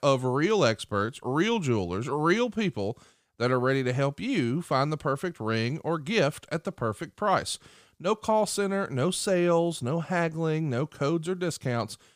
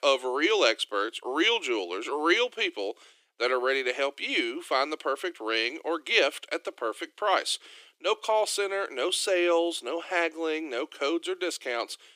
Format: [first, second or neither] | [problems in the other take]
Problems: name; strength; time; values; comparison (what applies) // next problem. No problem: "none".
first | thin; very; fading below 300 Hz